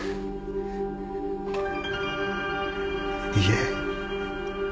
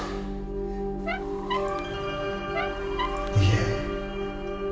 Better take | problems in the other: first | background sound (Squeak); 8 dB below the speech // room echo; dies away in 0.9 s

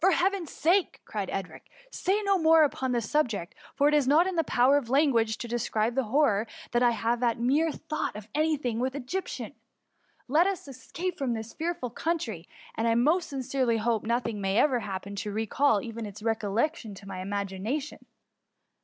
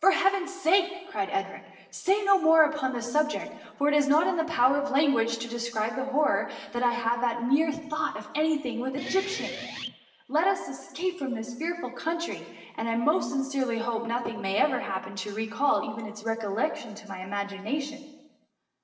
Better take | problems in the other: first | noise reduction (neural separator model SepFormer DNS4)

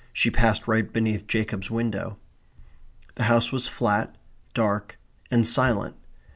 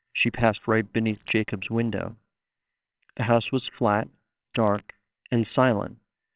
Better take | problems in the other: first | noise reduction (neural separator model SepFormer WHAMR!)

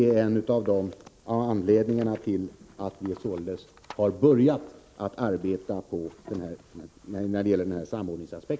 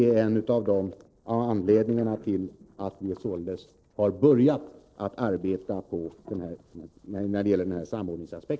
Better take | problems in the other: first | noise reduction (neural separator model SepFormer DNS4)

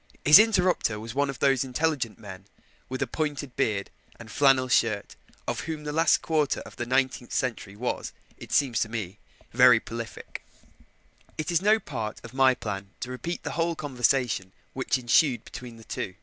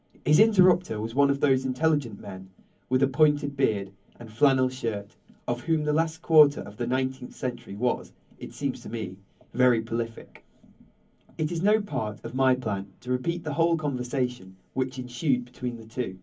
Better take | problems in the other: first | room echo; dies away in 0.3 s

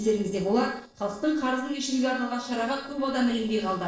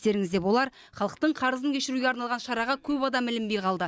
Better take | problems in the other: second | noise reduction (neural separator model SepFormer DNS4)

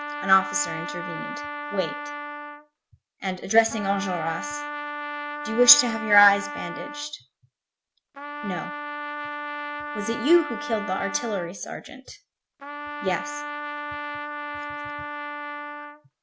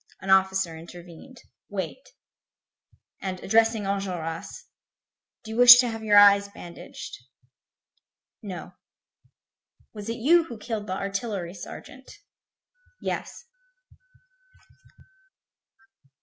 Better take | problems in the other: second | background sound (Trumpet); 7 dB below the speech

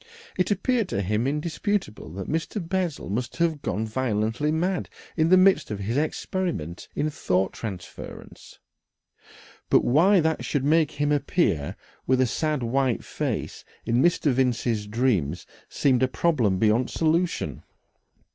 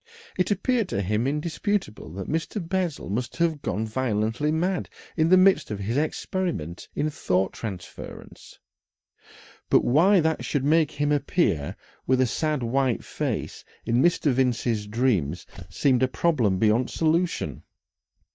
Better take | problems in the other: first | noise reduction (neural mask model DeepFilterNet 3)

